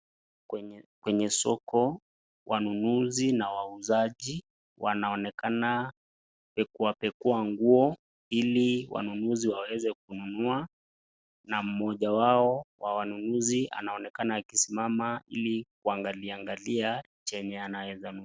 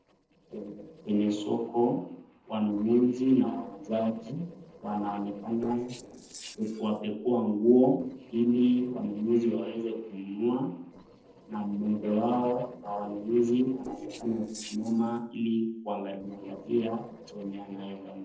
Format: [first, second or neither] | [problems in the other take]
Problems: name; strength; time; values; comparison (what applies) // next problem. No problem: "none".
first | noise reduction (neural separator model SepFormer DNS4)